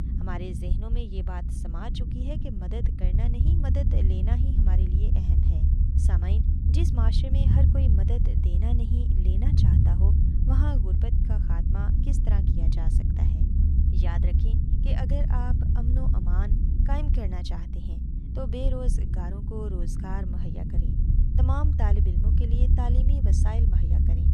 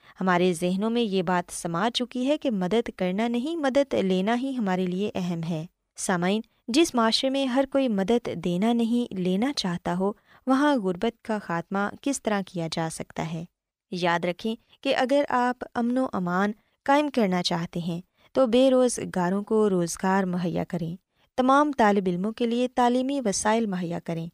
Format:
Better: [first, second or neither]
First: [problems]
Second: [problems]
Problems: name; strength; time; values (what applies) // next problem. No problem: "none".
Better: second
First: low rumble; loud; throughout; as loud as the speech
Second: none